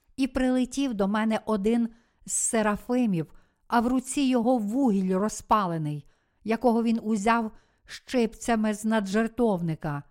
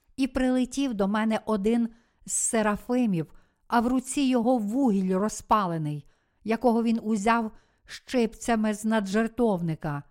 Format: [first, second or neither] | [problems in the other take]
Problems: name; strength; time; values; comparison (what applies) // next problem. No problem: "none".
neither | none